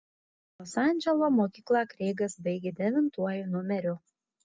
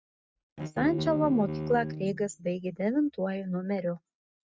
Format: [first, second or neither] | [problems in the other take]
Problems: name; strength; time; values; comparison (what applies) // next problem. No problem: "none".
first | noise reduction (neural mask model RNNoise)